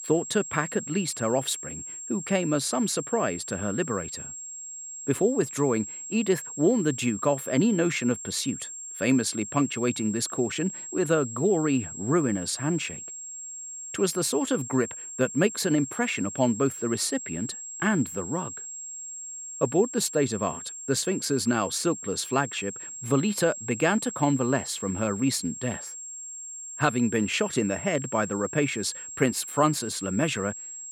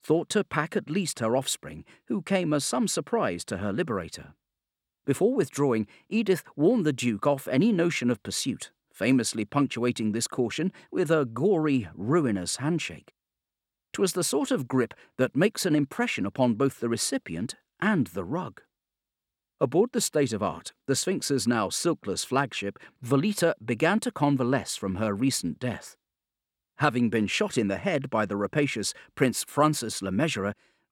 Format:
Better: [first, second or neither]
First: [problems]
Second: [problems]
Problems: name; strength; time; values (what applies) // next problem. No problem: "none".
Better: second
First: high-pitched whine; loud; throughout; 7.5 kHz, 9 dB below the speech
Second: none